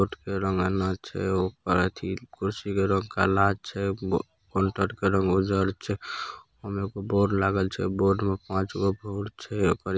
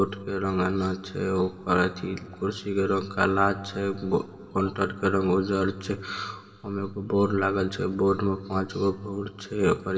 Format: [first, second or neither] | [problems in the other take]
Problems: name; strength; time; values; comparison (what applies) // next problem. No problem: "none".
first | room echo; dies away in 2 s